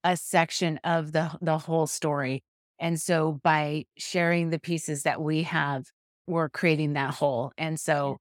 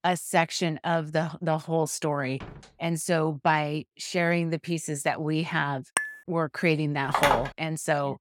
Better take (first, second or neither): first